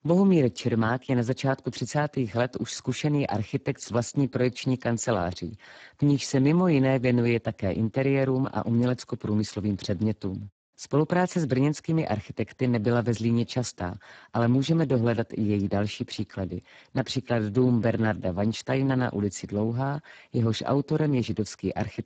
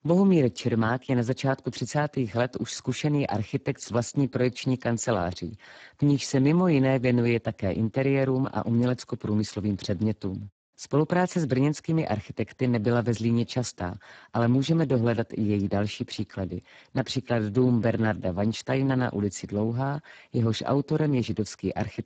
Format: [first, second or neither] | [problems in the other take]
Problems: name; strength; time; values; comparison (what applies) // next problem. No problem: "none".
neither | garbled, watery; badly; nothing above 7.5 kHz; the same in both